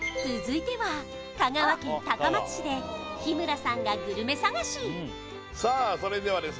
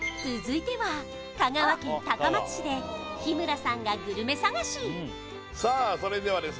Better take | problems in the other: second | background sound (Marimba, xylophone); 13 dB below the speech

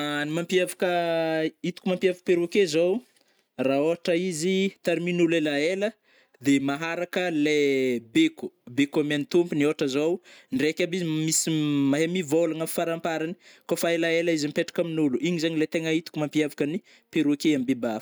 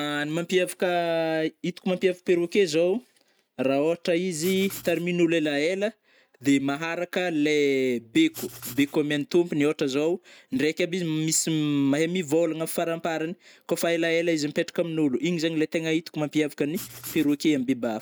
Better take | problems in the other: first | background sound (Writing); 16 dB below the speech

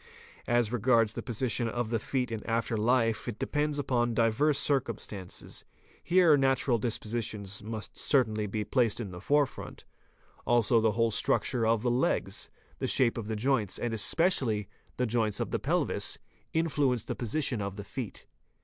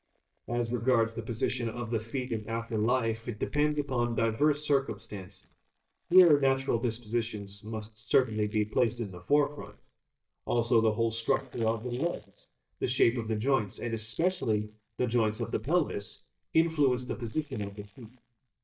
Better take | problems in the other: first | noise reduction (neural mask model DeepFilterNet 3)

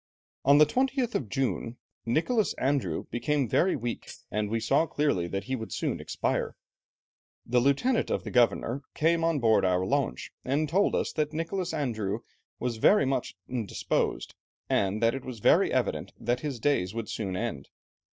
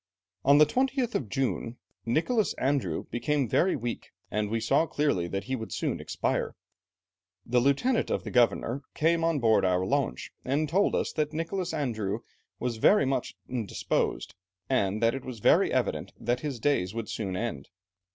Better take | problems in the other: second | noise reduction (neural mask model DeepFilterNet 3)

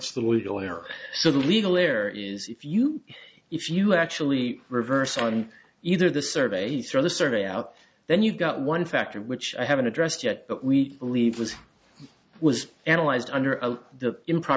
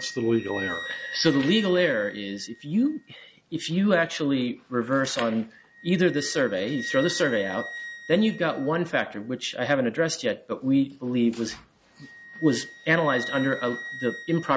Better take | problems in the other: first | background sound (Wind instrument, woodwind instrument); 15 dB below the speech

